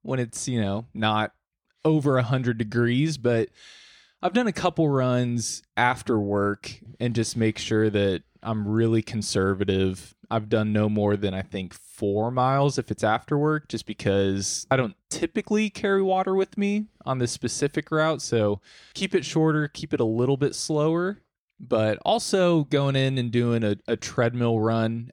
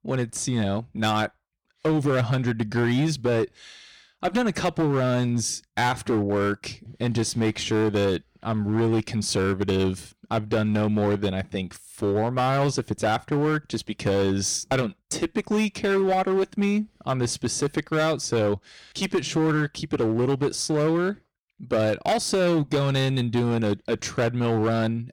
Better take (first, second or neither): first